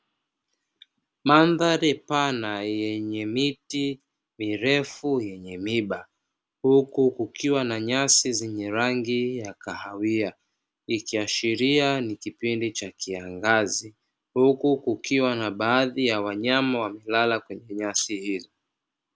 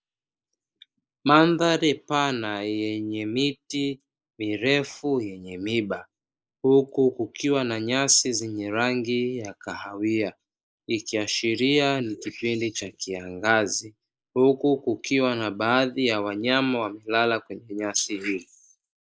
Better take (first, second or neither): first